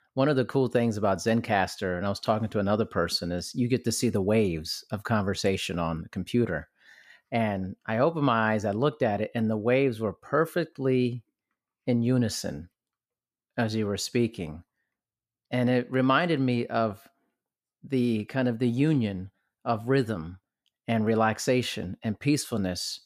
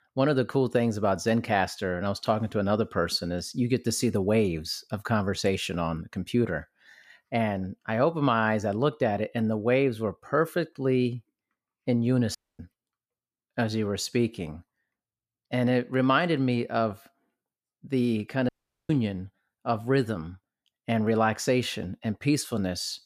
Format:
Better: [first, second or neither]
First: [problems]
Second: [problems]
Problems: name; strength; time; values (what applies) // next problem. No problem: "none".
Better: first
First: none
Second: audio cutting out; at 12 s and at 18 s